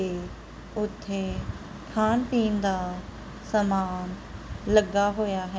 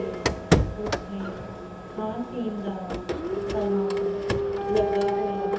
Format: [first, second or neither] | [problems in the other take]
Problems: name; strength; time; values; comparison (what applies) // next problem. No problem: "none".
first | background sound (Printer); 5 dB above the speech // room echo; dies away in 0.7 s